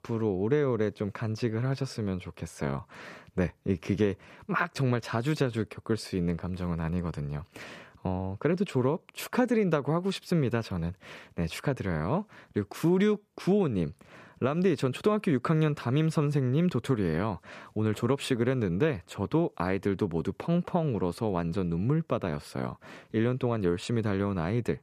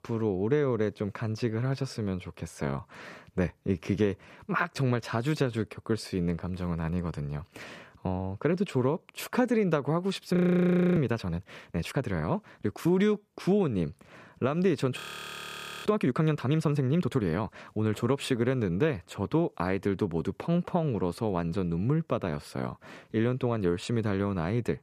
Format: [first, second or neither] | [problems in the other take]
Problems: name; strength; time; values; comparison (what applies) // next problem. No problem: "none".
first | audio freezing; at 10 s for 0.5 s and at 15 s for 1 s